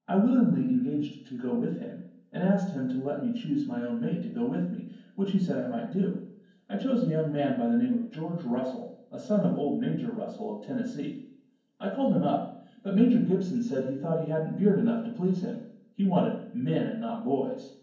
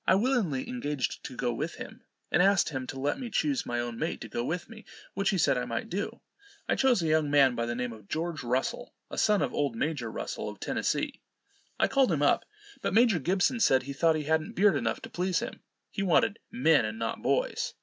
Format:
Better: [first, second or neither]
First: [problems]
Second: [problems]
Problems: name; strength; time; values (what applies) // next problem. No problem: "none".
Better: second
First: room echo; dies away in 0.9 s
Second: none